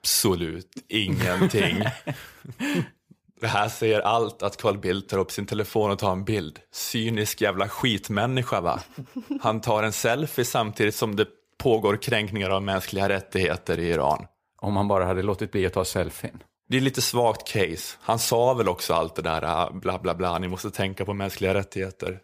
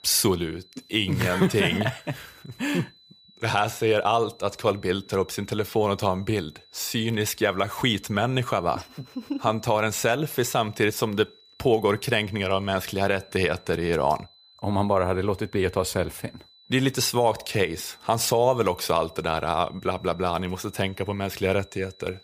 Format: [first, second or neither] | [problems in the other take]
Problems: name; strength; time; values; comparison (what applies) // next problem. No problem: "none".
first | high-pitched whine; faint; throughout; 4 kHz, 25 dB below the speech